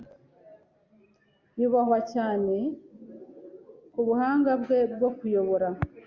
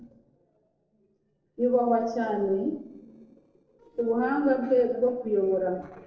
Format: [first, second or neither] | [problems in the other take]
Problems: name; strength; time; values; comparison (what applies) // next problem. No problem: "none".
first | noise reduction (neural separator model SepFormer DNS4)